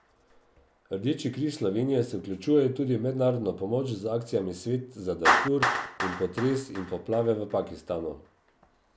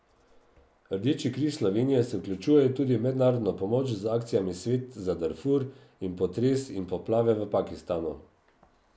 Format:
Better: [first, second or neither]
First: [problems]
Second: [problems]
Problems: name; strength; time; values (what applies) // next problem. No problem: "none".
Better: second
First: background sound (Clapping); 6 dB below the speech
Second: none